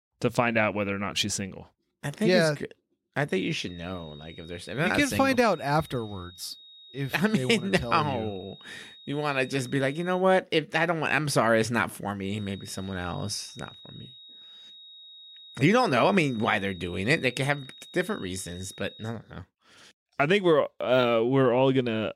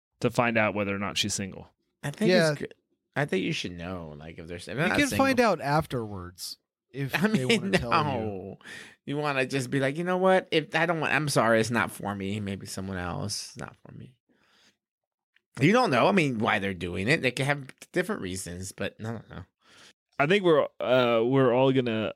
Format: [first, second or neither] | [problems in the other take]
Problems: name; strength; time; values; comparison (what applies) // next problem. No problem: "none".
second | high-pitched whine; faint; from 3.5 to 10 s and from 12 to 19 s; 4 kHz, 20 dB below the speech